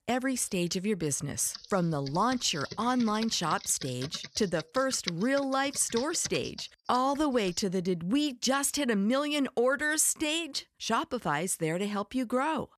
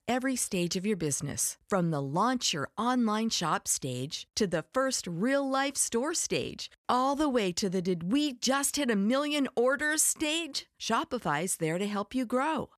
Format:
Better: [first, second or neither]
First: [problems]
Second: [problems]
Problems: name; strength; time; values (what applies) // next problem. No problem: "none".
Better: second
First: keyboard typing; noticeable; from 1.5 to 7.5 s; peak 8 dB below the speech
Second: none